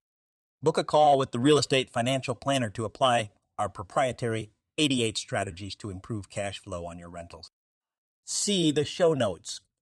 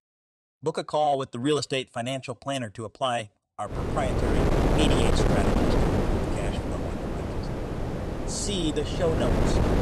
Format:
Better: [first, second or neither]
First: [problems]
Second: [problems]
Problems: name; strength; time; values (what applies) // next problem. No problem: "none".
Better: first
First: none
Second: wind noise on the microphone; heavy; from 3.5 s on; as loud as the speech